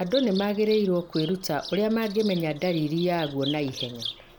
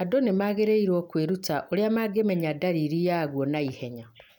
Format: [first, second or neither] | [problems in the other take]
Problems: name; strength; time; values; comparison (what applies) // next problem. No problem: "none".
second | background sound (Bird vocalization, bird call, bird song); 14 dB below the speech